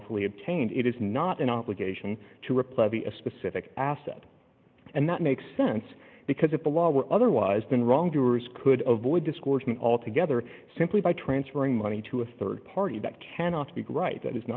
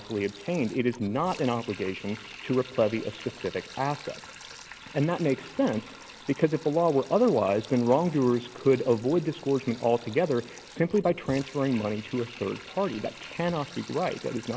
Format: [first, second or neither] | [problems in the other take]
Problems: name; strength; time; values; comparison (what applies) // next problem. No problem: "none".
first | background sound (Sink (filling or washing)); 18 dB below the speech